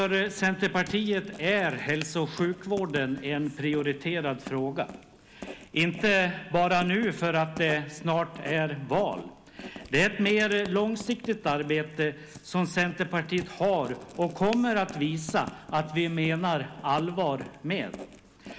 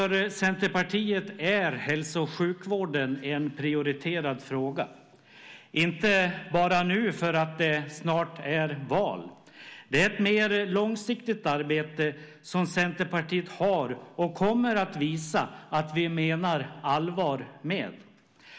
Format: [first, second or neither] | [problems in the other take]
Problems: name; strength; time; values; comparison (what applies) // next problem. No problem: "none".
second | background sound (Writing); 18 dB below the speech